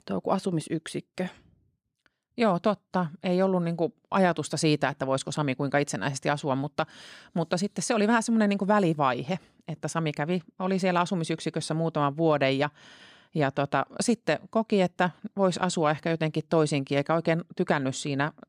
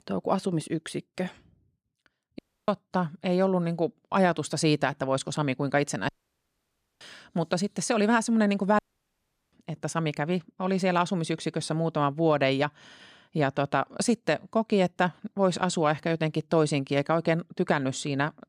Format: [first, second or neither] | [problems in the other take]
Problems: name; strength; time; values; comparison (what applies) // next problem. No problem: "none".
first | audio cutting out; at 2.5 s, at 6 s for 1 s and at 9 s for 0.5 s